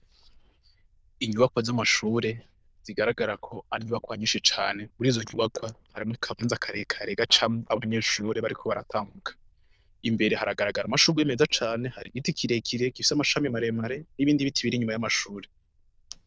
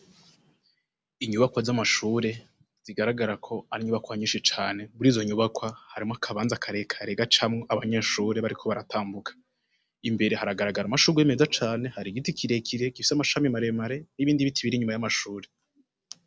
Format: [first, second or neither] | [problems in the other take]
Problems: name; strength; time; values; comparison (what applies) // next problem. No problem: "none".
second | noise reduction (neural diffusion model UNIVERSE++)